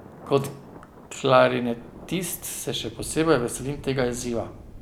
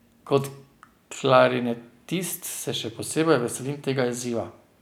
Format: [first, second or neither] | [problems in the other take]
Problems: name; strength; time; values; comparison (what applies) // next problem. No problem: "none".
second | background sound (Thunder); 17 dB below the speech